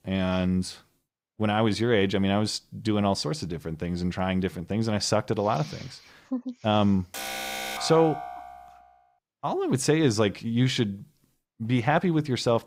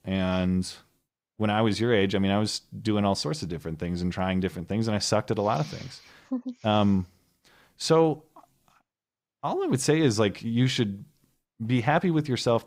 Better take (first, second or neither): second